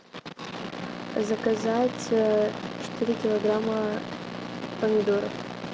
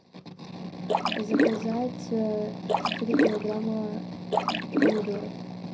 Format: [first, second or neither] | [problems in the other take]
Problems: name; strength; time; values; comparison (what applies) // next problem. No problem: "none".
first | background sound (Splash, splatter); 3 dB above the speech // room echo; dies away in 0.4 s